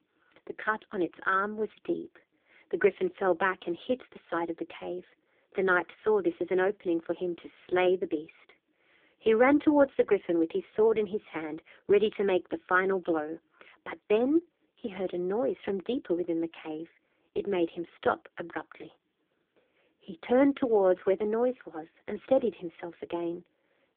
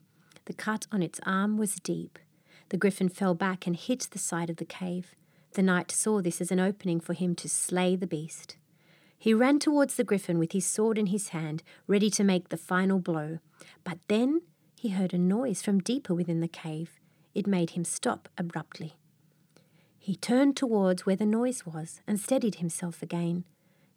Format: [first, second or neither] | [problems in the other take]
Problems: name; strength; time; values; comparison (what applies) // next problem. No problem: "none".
second | phone-call audio; poor line